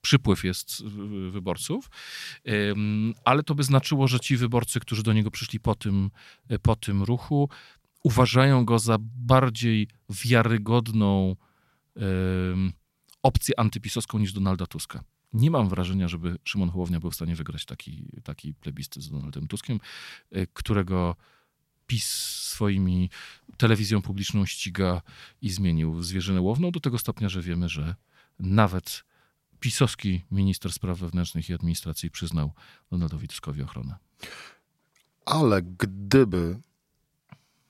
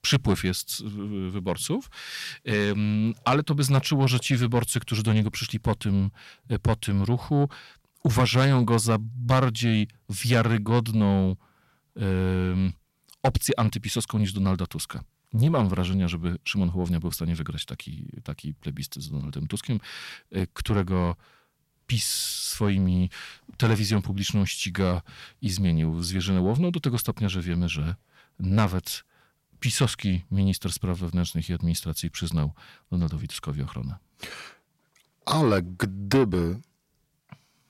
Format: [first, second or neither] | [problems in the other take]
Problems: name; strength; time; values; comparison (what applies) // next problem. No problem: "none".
first | distortion; slight; 10 dB below the speech